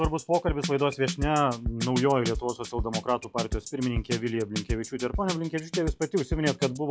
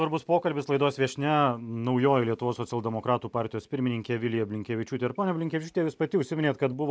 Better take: second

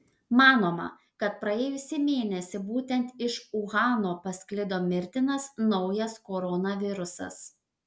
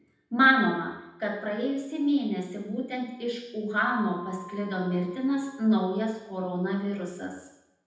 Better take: first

